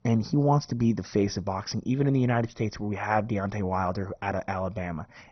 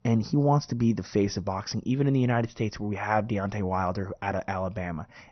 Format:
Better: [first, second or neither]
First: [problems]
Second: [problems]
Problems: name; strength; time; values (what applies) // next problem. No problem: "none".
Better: second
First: garbled, watery; badly; nothing above 6 kHz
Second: garbled, watery; slightly; nothing above 6 kHz